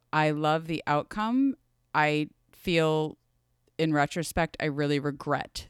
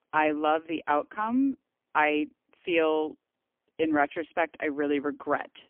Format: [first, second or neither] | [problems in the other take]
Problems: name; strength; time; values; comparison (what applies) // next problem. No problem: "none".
first | phone-call audio; poor line; nothing above 3 kHz